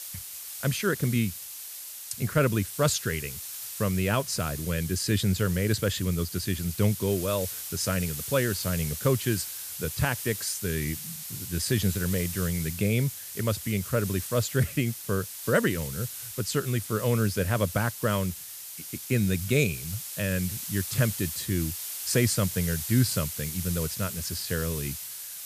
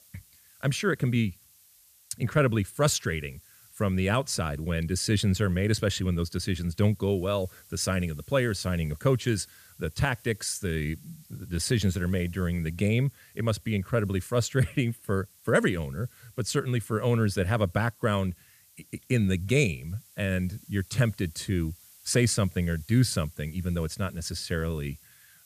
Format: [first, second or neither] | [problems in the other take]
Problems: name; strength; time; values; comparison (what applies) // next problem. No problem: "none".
second | hiss; loud; throughout; 7 dB below the speech; faint in the second